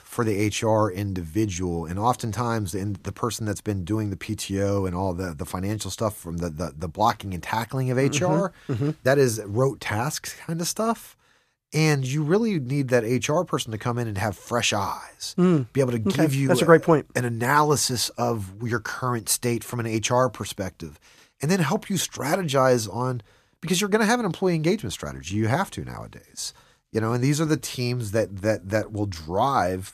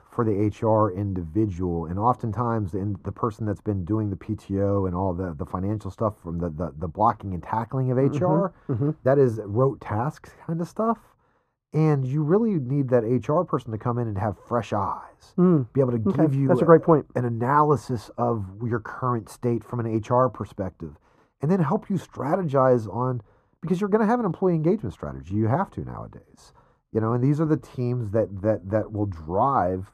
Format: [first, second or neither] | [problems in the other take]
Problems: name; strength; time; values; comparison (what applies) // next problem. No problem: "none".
first | muffled; very; fading above 1.5 kHz